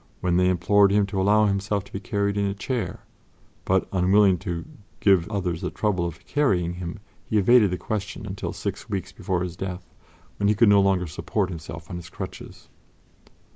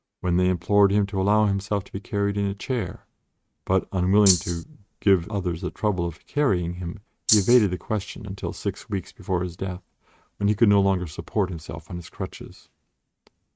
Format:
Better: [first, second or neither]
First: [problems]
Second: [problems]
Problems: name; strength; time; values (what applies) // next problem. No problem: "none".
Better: first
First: none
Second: noise reduction (neural mask model RNNoise)